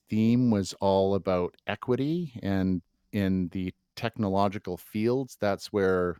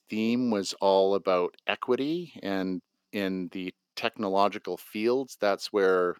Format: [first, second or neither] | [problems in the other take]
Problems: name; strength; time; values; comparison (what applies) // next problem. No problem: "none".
first | thin; very slightly; fading below 350 Hz